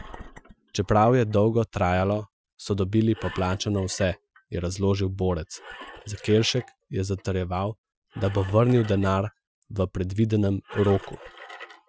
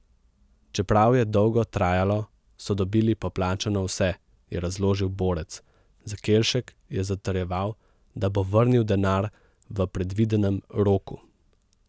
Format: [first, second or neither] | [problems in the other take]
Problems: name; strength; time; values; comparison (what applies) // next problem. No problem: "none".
second | noise reduction (classical method Wiener filter)